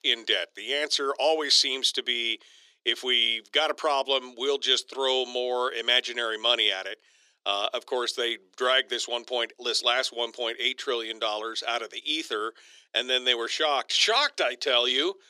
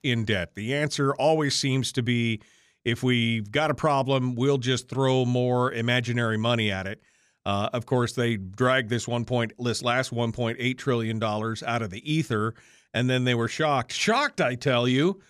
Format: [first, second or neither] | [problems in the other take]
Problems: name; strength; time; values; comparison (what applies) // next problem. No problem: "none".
second | thin; very; fading below 350 Hz